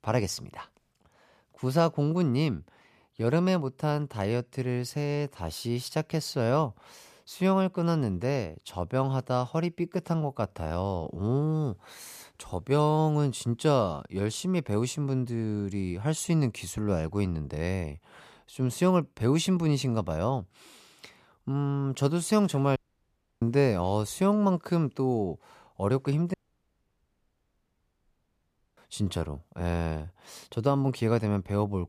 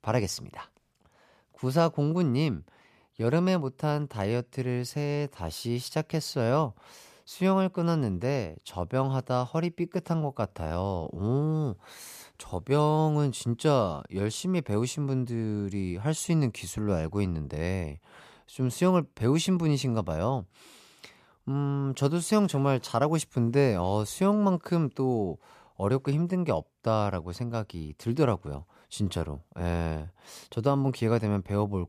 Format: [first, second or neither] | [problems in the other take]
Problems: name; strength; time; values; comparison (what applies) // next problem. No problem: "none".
second | audio cutting out; at 23 s for 0.5 s and at 26 s for 2.5 s